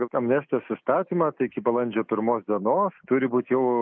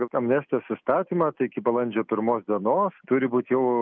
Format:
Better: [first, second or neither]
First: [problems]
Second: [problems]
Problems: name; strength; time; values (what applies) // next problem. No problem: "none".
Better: second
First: noise reduction (neural mask model Resemble Enhance denoiser)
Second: none